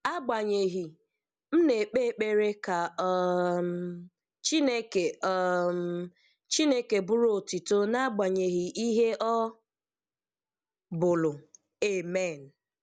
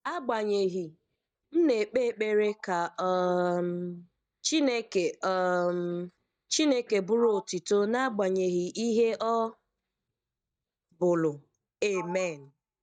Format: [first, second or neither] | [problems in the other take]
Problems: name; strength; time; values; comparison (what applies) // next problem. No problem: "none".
first | noise reduction (neural mask model DeepFilterNet 3)